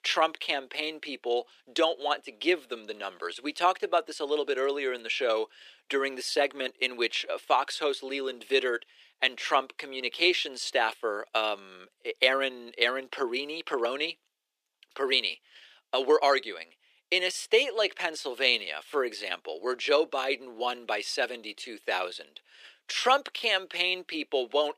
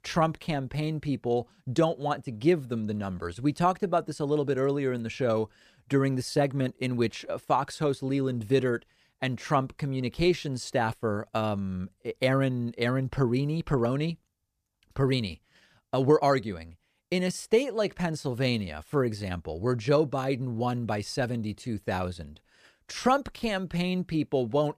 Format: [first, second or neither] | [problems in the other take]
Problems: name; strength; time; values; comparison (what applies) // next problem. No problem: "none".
second | thin; very; fading below 350 Hz